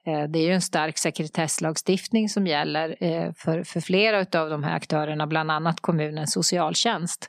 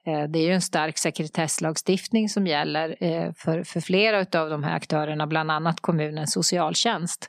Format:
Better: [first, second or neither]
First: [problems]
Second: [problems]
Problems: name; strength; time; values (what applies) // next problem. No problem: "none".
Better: neither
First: none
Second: none